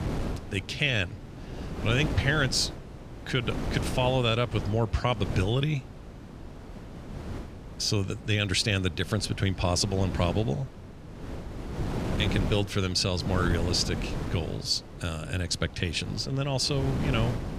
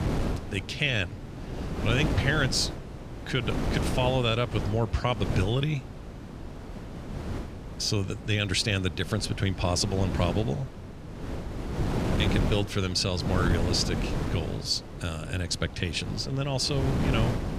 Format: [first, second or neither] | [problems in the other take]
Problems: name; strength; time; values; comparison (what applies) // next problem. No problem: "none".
first | wind noise on the microphone; heavy; 8 dB below the speech; occasional gusts in the first